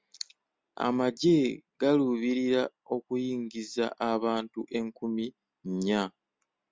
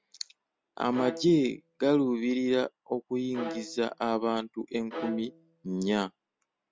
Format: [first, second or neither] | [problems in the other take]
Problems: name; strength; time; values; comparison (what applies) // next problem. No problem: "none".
first | background sound (Bowed string instrument); 13 dB below the speech